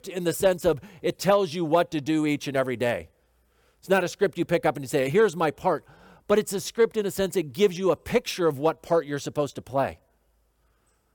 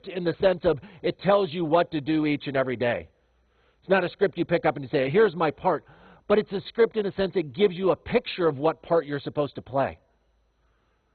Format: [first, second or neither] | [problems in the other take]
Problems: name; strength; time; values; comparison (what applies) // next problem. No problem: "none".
first | garbled, watery; badly; nothing above 4 kHz